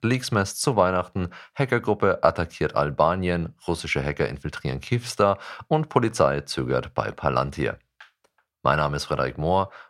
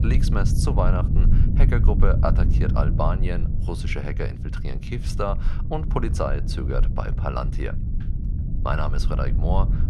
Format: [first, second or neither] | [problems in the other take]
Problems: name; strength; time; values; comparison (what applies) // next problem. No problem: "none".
first | low rumble; loud; throughout; 8 dB below the speech